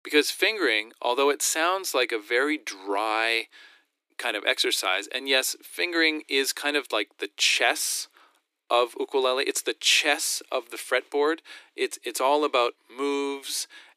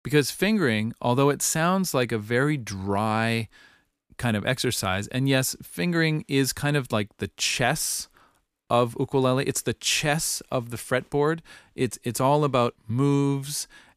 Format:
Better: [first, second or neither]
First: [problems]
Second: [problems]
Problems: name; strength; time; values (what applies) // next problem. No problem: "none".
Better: second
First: thin; somewhat; fading below 300 Hz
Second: none